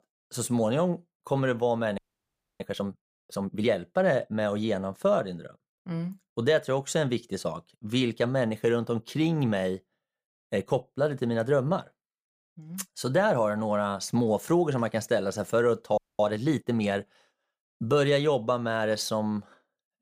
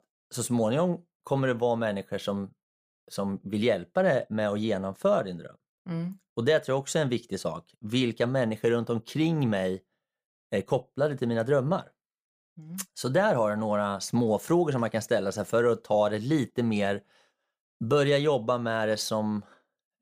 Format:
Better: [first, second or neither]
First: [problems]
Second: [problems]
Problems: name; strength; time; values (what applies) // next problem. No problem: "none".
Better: second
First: audio freezing; at 2 s for 0.5 s and at 16 s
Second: none